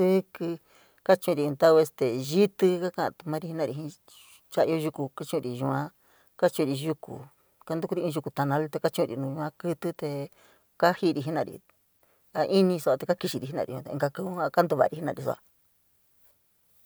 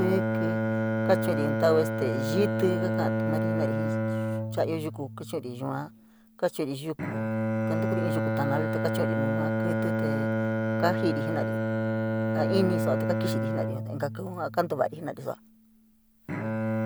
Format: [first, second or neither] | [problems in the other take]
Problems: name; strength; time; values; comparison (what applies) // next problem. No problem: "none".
first | background sound (Bowed string instrument); 3 dB above the speech